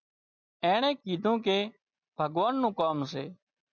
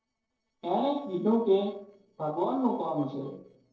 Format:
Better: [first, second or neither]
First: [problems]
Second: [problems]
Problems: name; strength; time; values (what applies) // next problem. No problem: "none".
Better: first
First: none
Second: noise reduction (neural separator model SepFormer DNS4)